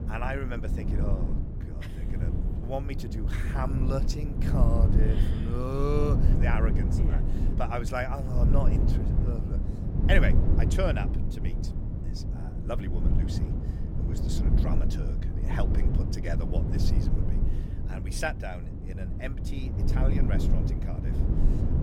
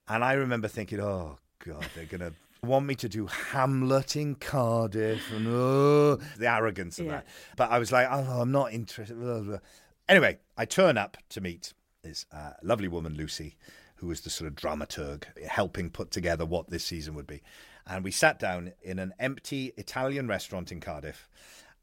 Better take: second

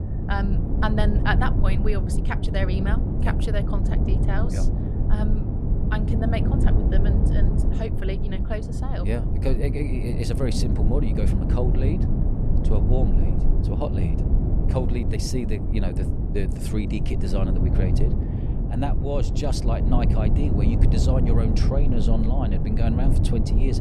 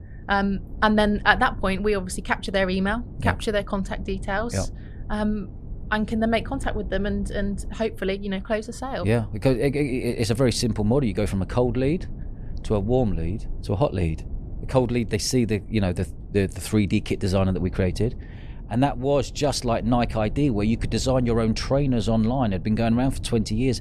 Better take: second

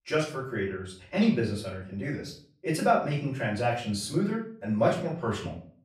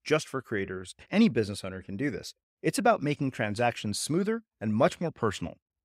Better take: second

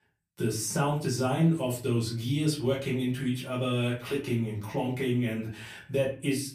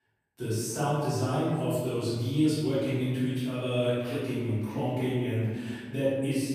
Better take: first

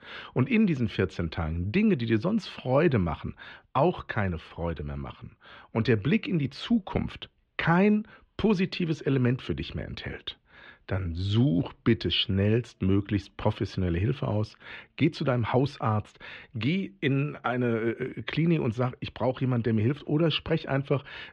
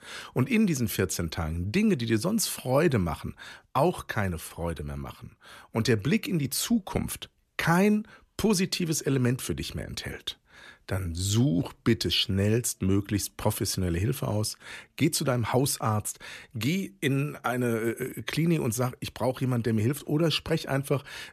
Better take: second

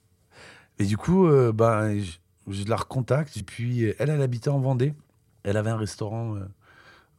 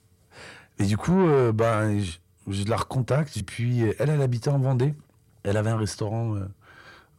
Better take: first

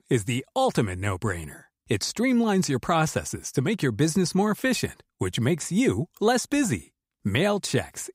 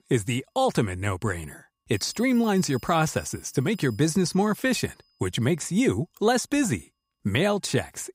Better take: first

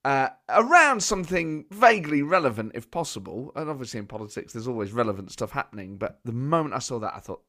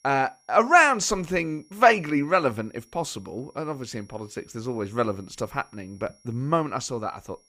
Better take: first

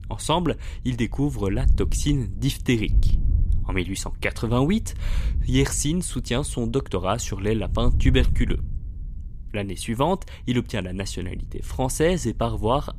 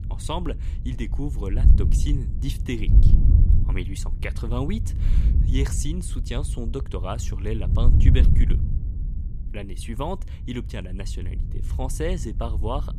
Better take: first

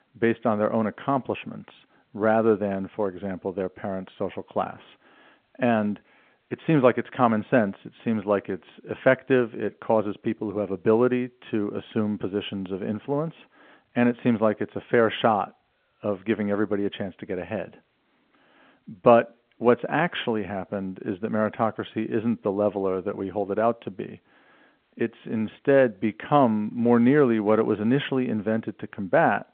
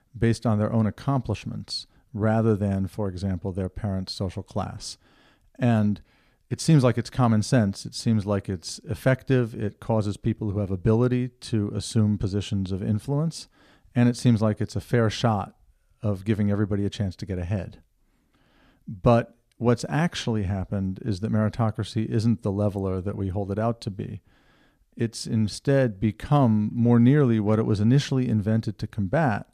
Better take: second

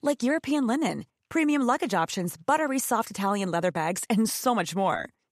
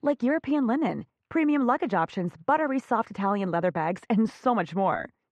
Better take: first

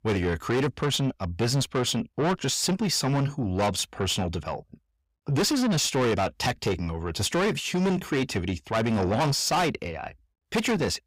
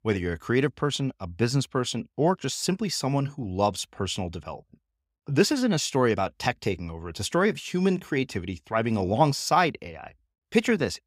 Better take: second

